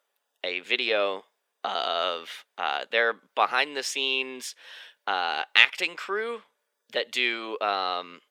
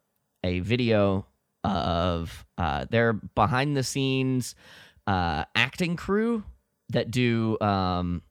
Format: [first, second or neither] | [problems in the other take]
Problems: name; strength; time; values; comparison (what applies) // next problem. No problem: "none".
second | thin; very; fading below 400 Hz